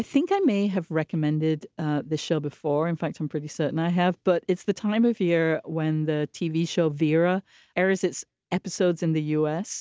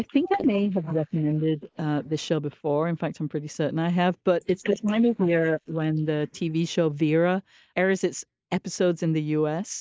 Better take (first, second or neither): first